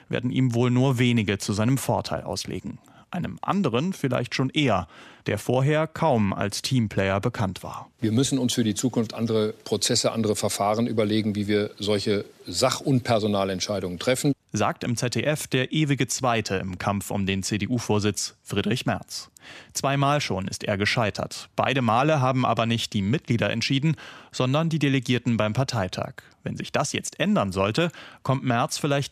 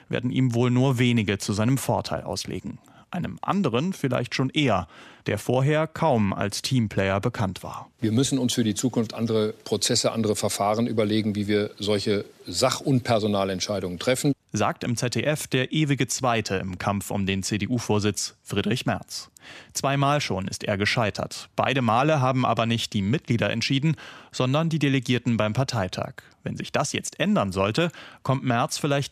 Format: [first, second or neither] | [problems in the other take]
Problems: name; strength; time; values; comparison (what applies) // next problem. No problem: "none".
neither | none